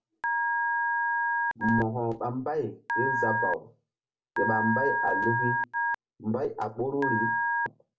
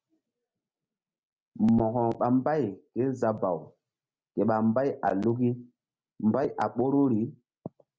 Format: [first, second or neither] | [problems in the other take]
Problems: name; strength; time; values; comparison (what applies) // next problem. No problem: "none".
second | background sound (Telephone); 2 dB above the speech // room echo; dies away in 0.2 s